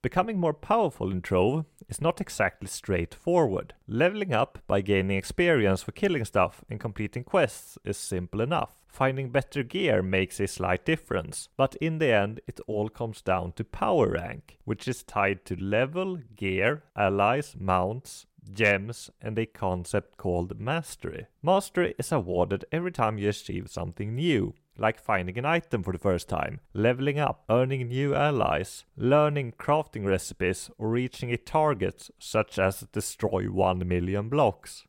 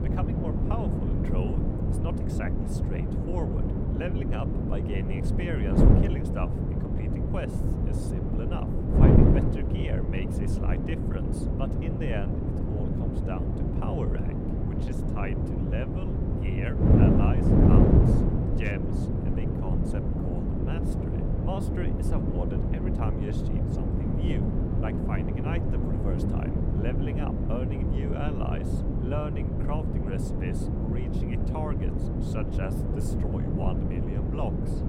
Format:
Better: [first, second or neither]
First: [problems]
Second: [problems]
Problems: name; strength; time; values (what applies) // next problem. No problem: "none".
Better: first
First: none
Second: wind noise on the microphone; heavy; 4 dB above the speech